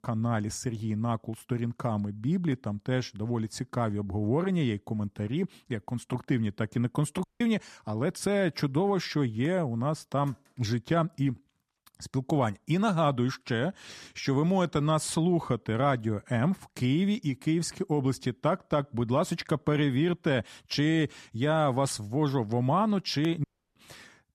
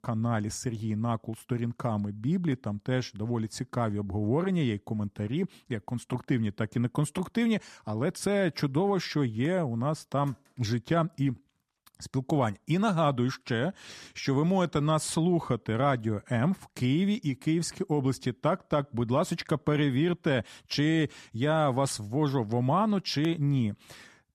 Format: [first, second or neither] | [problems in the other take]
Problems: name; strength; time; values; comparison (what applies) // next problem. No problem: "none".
second | audio cutting out; at 7 s and at 23 s